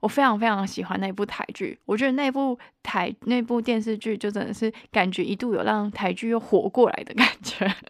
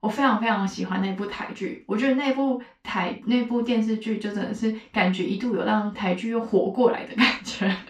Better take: first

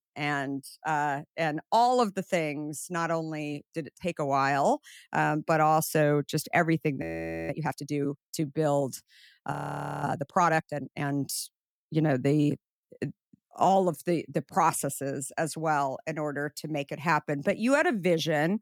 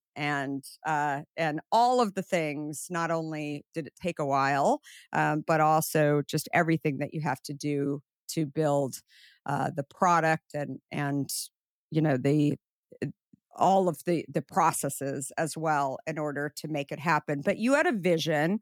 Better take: second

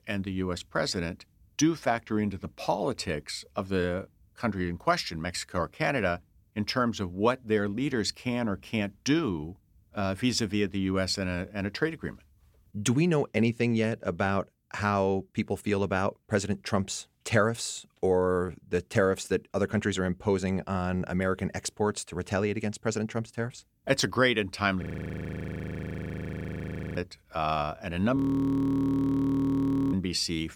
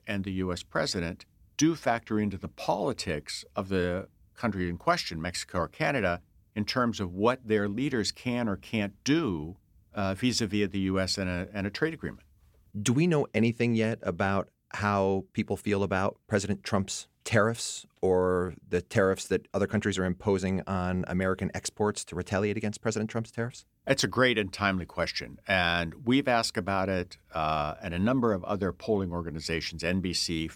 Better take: second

